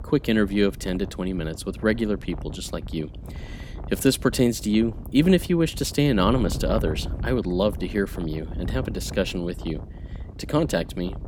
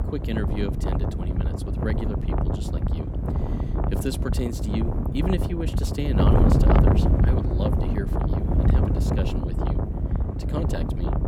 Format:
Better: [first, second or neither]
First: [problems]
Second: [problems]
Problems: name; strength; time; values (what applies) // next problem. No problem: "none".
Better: first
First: wind noise on the microphone; occasional gusts; 15 dB below the speech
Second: wind noise on the microphone; heavy; 3 dB above the speech